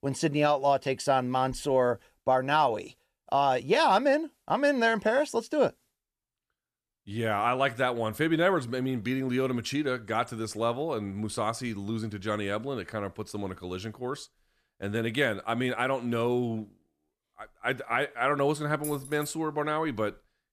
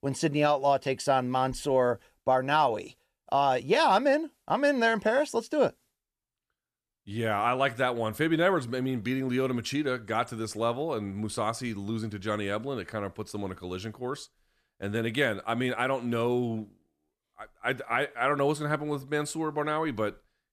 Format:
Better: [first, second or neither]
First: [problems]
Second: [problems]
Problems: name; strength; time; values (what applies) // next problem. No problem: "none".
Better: second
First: jangling keys; faint; at 19 s; peak 10 dB below the speech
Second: none